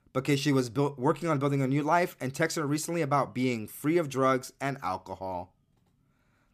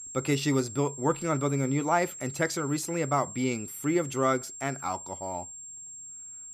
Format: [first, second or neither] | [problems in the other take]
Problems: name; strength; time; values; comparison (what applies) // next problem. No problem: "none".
first | high-pitched whine; noticeable; throughout; 7.5 kHz, 10 dB below the speech